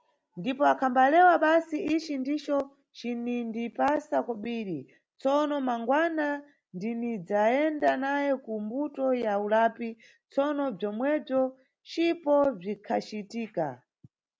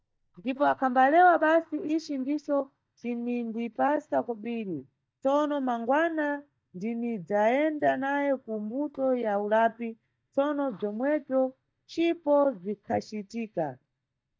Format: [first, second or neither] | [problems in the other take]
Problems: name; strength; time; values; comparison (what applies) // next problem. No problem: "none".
first | noise reduction (neural mask model DeepFilterNet 3)